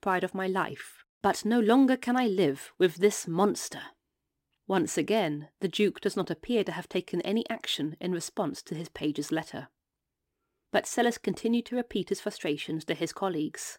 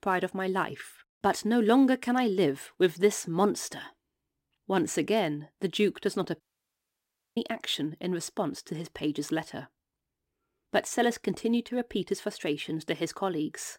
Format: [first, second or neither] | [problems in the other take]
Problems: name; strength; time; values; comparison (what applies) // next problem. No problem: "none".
first | audio cutting out; at 6.5 s for 1 s